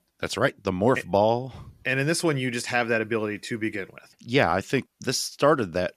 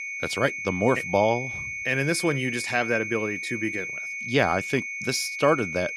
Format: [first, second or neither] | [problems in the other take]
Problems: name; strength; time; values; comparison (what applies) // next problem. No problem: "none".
first | high-pitched whine; loud; throughout; 2 kHz, 5 dB below the speech